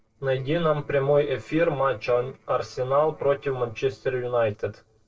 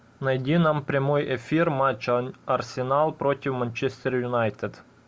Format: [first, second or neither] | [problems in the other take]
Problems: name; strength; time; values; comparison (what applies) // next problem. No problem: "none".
second | noise reduction (neural separator model SepFormer DNS4)